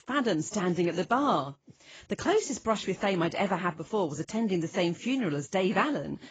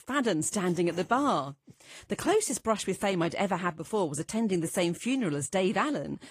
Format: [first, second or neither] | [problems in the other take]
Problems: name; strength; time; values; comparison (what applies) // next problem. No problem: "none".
second | garbled, watery; badly; nothing above 7.5 kHz; slightly in the second